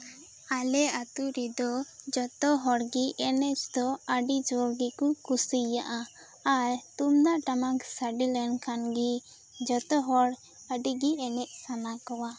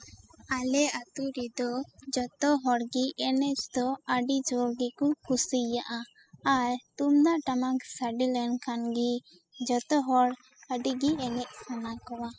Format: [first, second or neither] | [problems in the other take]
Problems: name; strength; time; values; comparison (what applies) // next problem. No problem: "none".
first | noise reduction (classical method spectral subtraction)